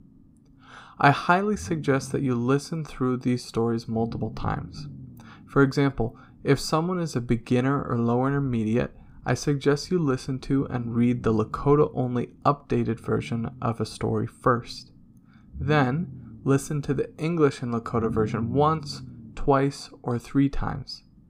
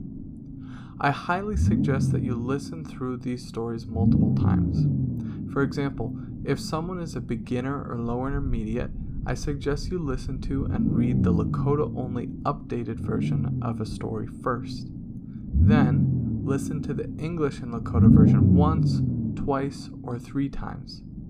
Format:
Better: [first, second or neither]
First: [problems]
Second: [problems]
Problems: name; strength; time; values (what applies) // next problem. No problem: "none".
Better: first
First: low rumble; faint; throughout; 20 dB below the speech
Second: low rumble; loud; throughout; 1 dB below the speech